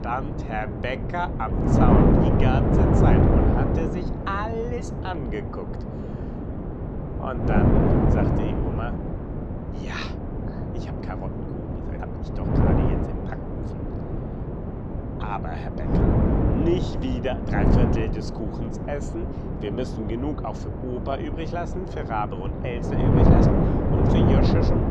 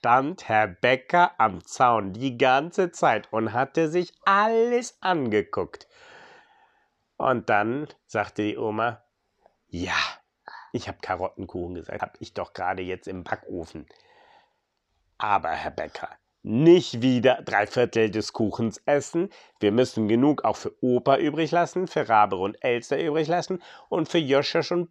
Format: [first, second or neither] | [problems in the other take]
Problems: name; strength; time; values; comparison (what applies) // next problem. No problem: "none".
second | wind noise on the microphone; heavy; 2 dB above the speech